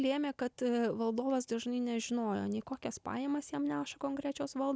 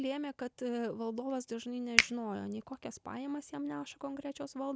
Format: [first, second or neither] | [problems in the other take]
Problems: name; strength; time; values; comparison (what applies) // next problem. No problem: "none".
first | background sound (Finger snapping); 1 dB above the speech